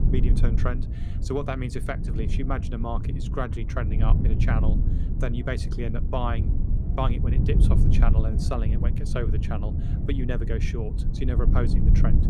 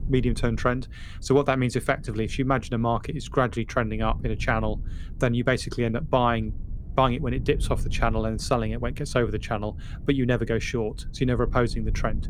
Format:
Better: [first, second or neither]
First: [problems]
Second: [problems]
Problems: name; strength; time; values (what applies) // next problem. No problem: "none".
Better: second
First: low rumble; loud; throughout; 5 dB below the speech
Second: low rumble; faint; throughout; 25 dB below the speech